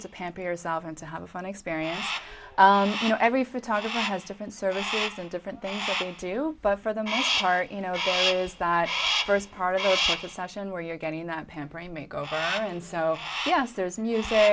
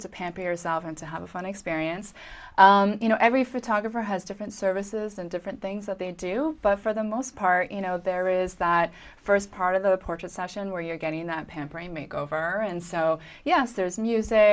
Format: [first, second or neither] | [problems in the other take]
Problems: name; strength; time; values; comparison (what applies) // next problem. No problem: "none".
second | background sound (Crow); 6 dB below the speech